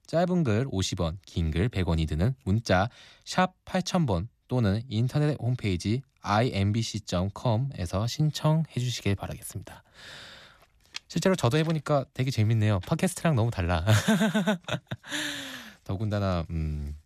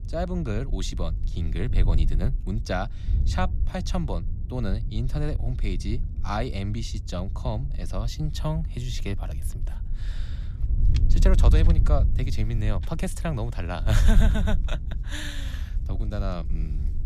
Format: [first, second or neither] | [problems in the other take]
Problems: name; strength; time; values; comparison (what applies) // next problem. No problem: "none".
first | wind noise on the microphone; occasional gusts; 10 dB below the speech